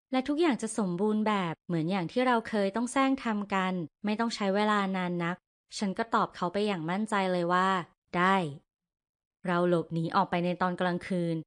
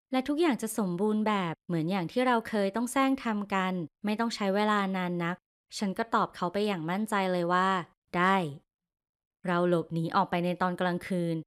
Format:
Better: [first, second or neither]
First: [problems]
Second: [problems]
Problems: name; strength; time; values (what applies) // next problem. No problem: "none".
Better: second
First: garbled, watery; slightly; nothing above 8.5 kHz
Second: none